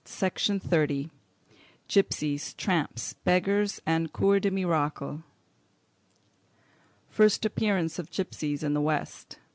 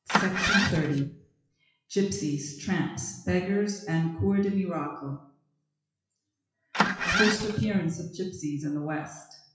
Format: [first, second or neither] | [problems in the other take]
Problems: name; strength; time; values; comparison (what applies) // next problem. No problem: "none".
first | noise reduction (classical method WPE with log-MMSE)